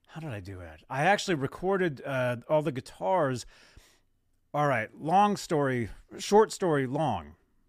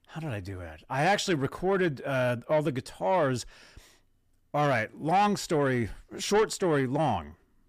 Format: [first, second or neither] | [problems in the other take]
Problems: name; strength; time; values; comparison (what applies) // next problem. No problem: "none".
first | distortion; slight; 10 dB below the speech